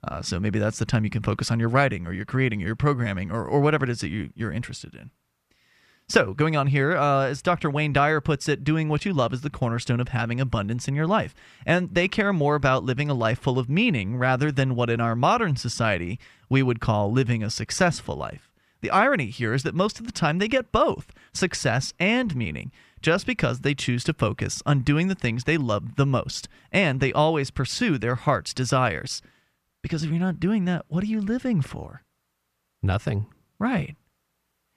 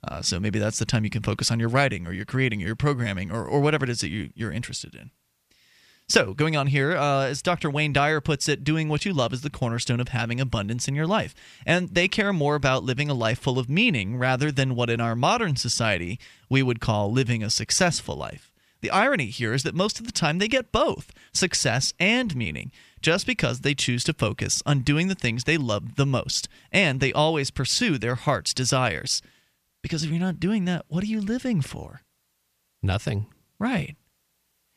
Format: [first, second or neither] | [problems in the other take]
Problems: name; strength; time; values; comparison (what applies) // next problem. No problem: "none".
second | muffled; slightly; fading above 2.5 kHz